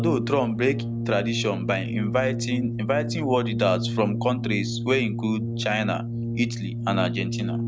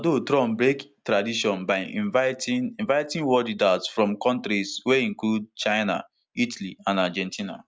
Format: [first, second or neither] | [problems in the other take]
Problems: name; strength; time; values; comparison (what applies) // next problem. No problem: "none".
second | background sound (Brass instrument); 2 dB below the speech